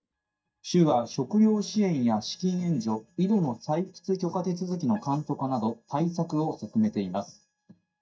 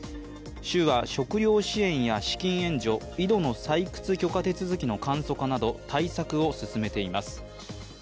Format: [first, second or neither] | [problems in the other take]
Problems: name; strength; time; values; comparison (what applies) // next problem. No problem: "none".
second | noise reduction (neural mask model DeepFilterNet 3)